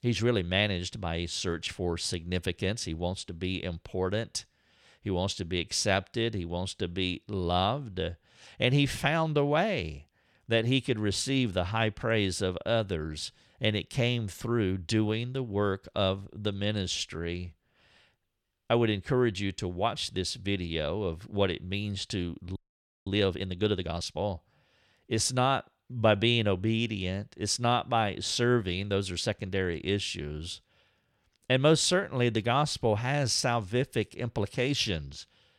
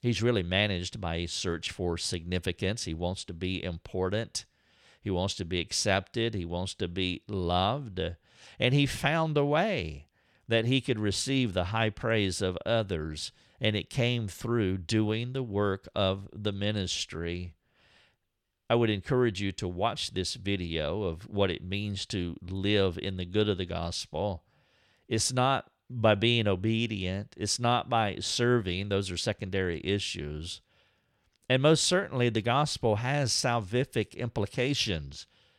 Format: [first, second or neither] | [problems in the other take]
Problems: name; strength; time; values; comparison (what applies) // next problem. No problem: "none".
second | audio freezing; at 23 s for 0.5 s